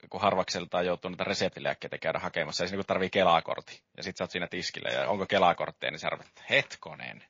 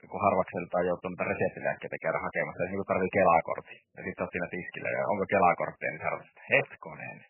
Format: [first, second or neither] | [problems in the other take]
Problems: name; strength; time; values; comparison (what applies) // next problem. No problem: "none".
first | garbled, watery; badly; nothing above 2.5 kHz; slightly in the first